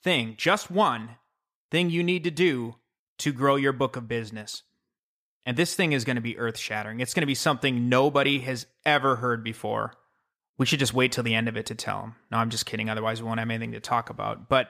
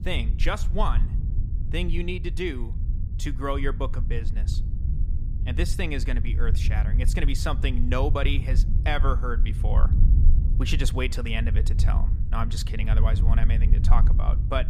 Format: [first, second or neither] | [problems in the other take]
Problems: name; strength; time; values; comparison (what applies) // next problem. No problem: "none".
first | low rumble; noticeable; throughout; 10 dB below the speech